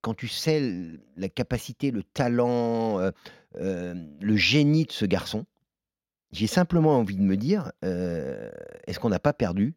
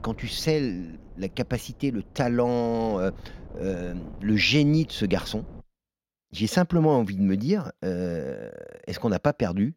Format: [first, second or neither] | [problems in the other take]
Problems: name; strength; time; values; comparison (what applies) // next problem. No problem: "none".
first | wind noise on the microphone; occasional gusts; until 5.5 s; 25 dB below the speech